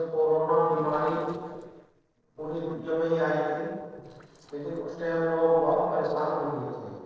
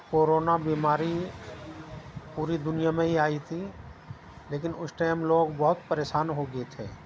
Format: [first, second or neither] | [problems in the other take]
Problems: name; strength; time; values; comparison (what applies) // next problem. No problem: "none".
second | noise reduction (neural separator model SepFormer DNS4)